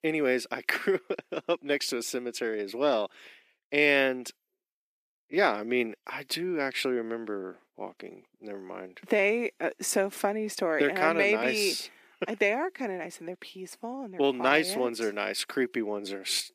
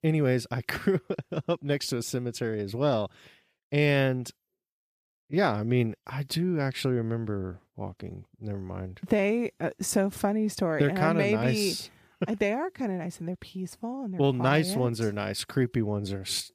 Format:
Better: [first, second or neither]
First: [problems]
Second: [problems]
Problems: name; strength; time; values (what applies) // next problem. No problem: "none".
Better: second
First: thin; somewhat; fading below 250 Hz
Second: none